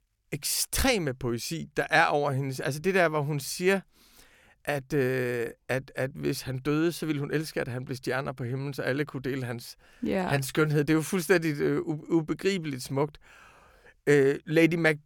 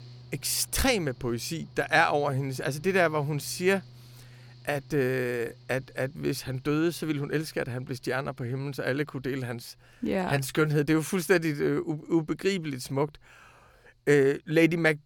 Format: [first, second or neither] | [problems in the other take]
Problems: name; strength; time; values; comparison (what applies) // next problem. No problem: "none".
first | machinery noise; faint; throughout; 25 dB below the speech